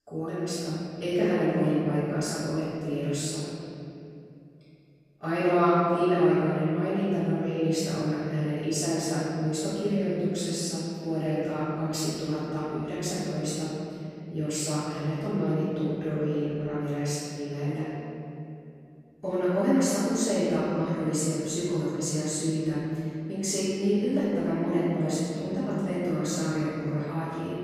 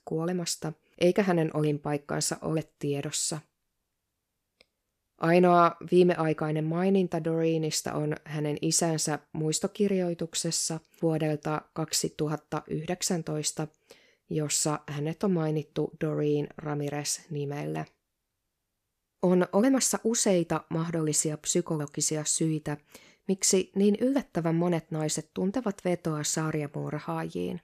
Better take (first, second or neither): second